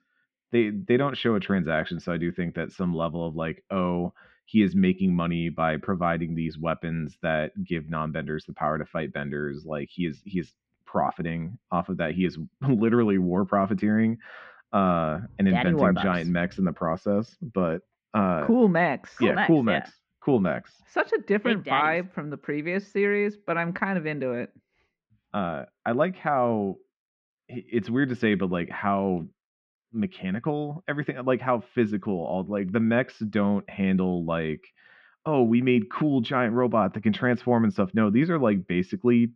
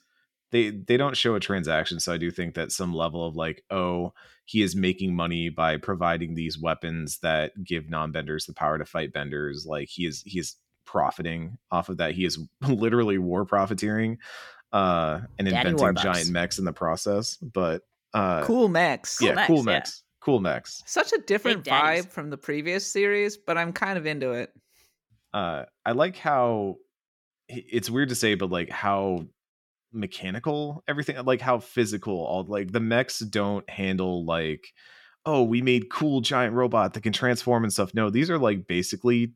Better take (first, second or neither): second